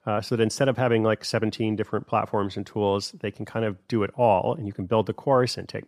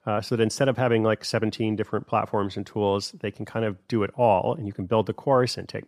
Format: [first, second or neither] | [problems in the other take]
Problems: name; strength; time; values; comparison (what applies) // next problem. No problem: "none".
neither | none